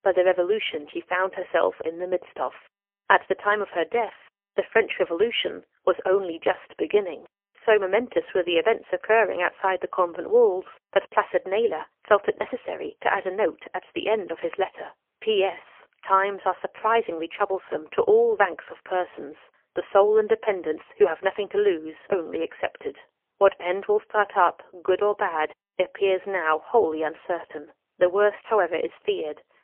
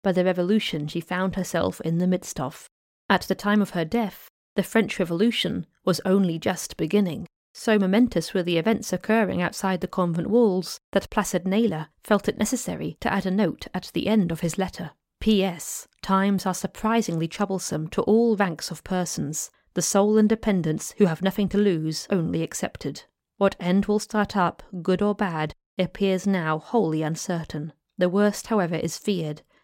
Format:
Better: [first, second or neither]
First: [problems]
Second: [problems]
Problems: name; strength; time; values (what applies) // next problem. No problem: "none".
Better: second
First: phone-call audio; poor line; nothing above 3 kHz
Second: none